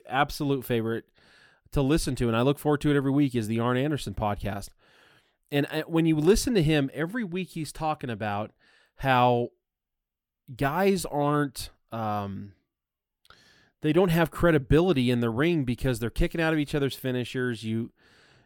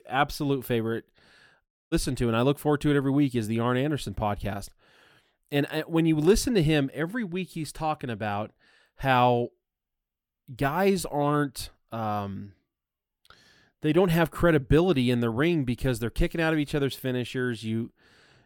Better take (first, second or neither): first